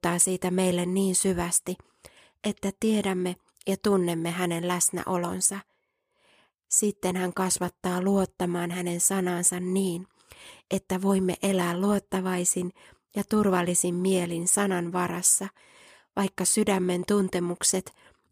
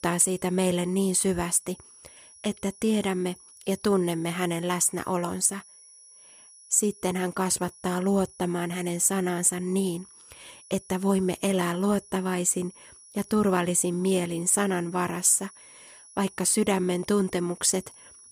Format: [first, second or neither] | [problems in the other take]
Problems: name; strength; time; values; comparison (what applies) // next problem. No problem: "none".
first | high-pitched whine; faint; throughout; 10 kHz, 25 dB below the speech